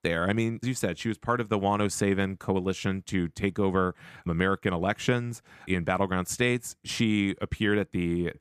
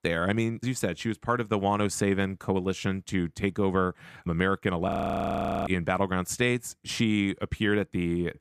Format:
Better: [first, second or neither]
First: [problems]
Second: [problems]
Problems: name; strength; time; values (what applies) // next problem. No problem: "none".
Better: first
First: none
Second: audio freezing; at 5 s for 1 s